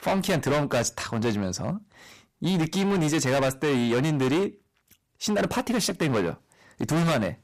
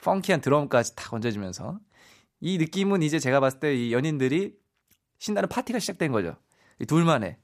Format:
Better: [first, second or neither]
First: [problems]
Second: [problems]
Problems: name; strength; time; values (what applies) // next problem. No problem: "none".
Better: second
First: distortion; heavy; 20% of the sound clipped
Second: none